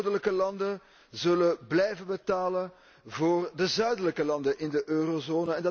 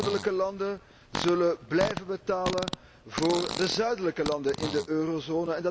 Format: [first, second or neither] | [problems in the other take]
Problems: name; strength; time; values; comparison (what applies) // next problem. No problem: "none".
first | background sound (Fart); 9 dB below the speech